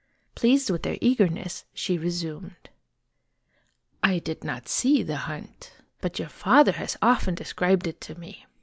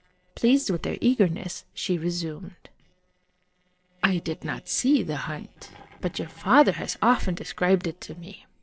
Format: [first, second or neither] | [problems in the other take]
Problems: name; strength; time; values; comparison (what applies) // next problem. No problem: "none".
first | noise reduction (neural separator model SepFormer DNS4)